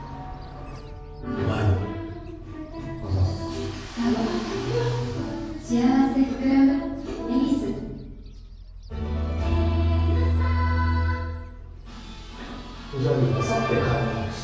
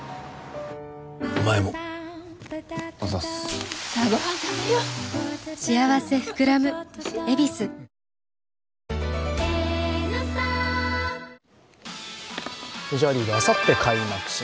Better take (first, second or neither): second